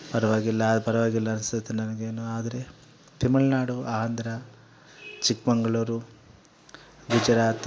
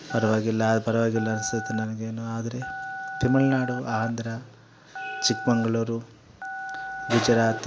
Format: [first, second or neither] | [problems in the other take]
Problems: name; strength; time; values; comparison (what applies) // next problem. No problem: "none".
first | background sound (Telephone); 11 dB below the speech